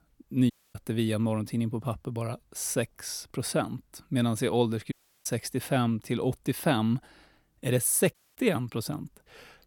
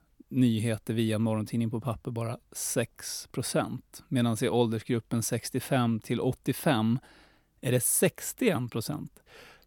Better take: second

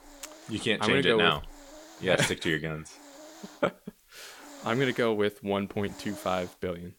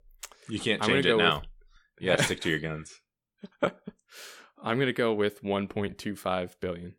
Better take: second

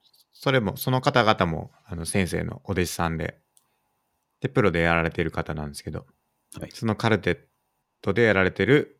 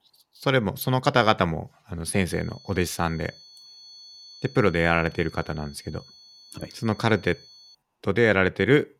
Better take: first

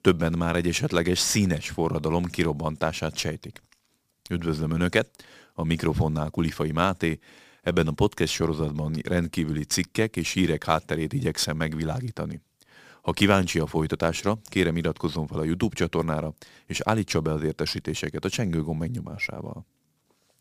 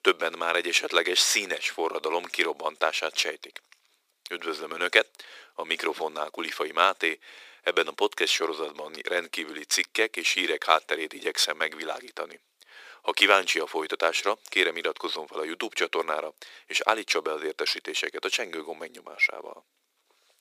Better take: first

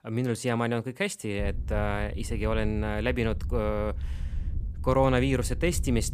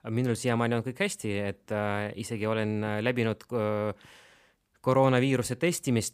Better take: second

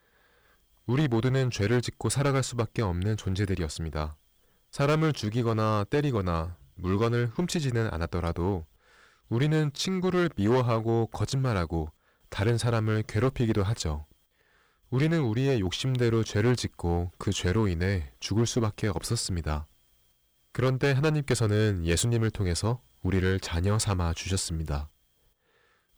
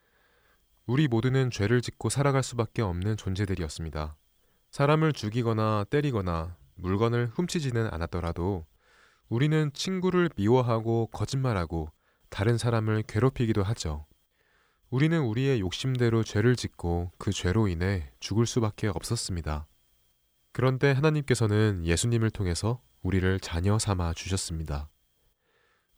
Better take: second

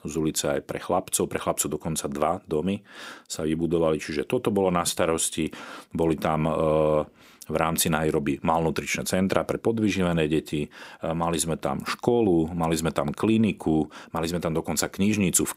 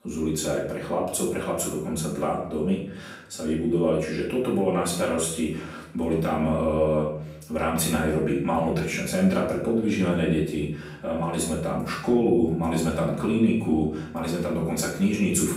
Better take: first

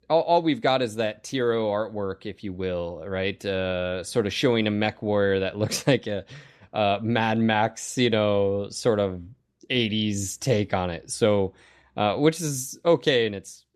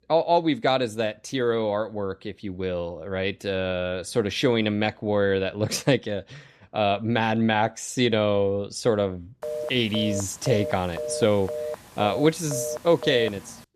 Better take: first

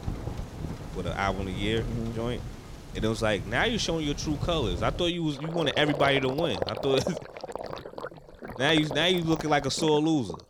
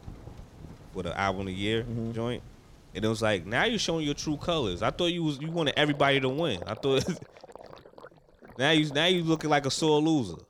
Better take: second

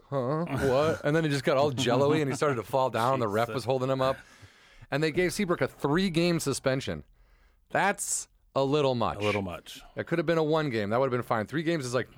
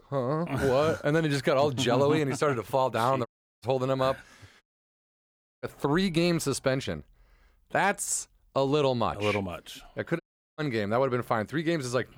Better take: first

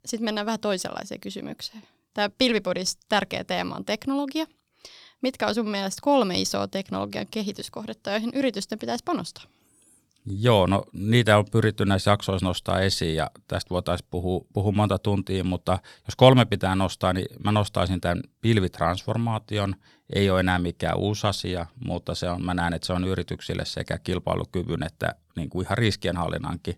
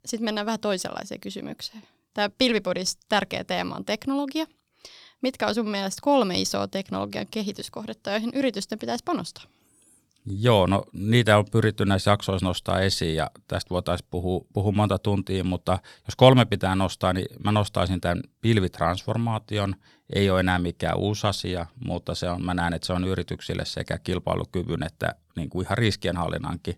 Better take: neither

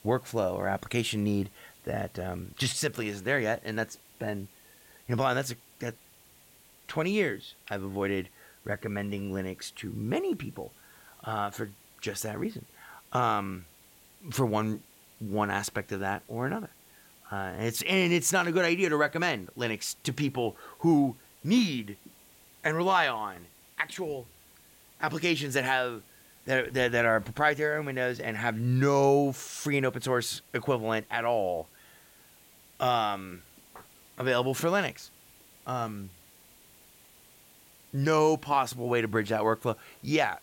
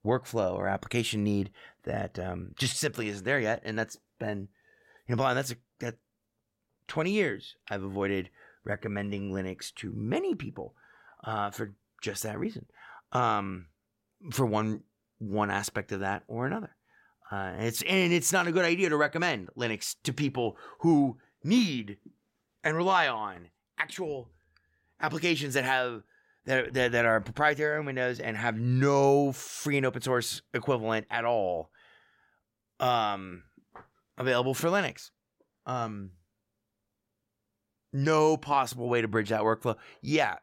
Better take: second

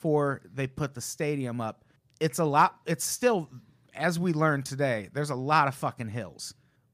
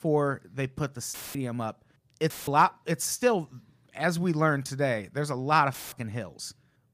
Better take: first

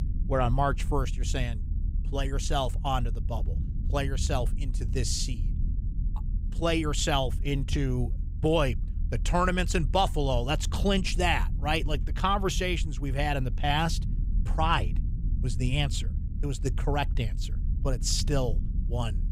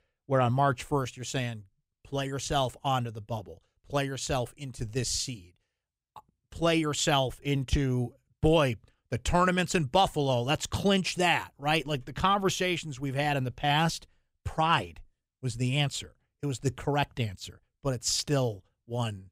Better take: second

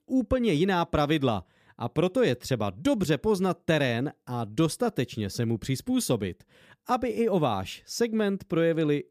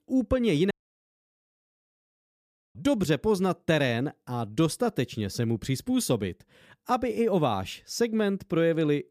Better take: first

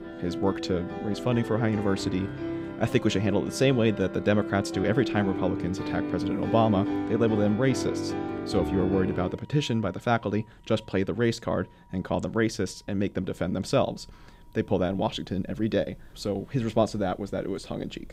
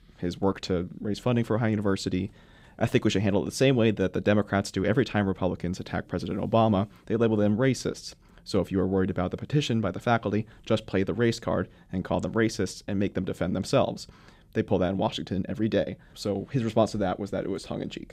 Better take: second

